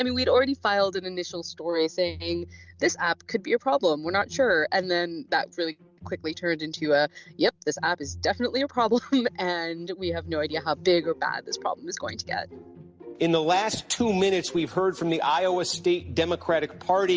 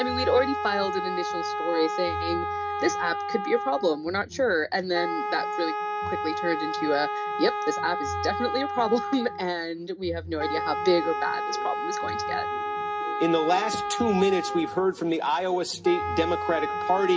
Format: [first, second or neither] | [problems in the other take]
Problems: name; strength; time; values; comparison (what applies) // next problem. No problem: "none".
first | background sound (Wind instrument, woodwind instrument); 3 dB below the speech // room echo; dies away in 0.3 s